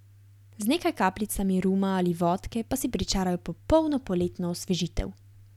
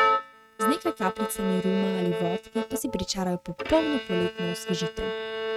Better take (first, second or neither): first